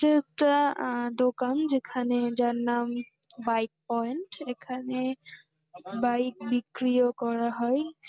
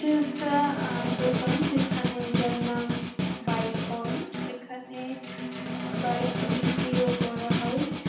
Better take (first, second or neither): first